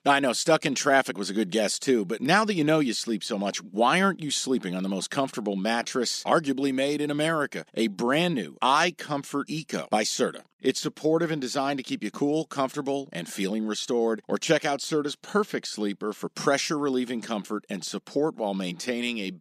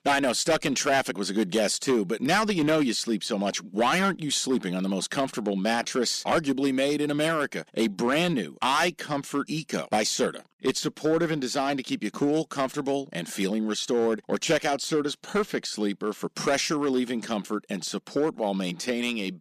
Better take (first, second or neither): first